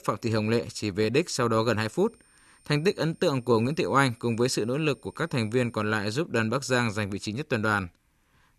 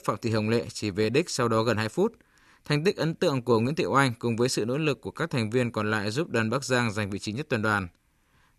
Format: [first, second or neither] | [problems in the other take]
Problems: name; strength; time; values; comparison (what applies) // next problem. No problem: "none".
second | high-pitched whine; faint; from 2 to 6 s; 9 kHz, 35 dB below the speech